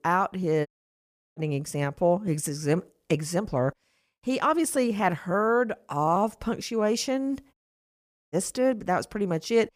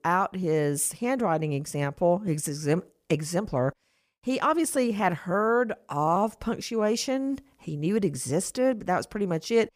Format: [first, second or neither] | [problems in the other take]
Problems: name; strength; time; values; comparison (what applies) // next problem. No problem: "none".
second | audio cutting out; at 0.5 s for 0.5 s and at 7.5 s for 1 s